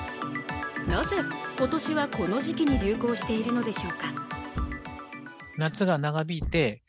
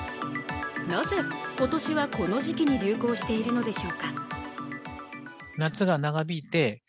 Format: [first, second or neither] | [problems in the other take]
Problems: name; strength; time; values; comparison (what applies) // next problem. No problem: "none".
second | background sound (Thump, thud); 11 dB below the speech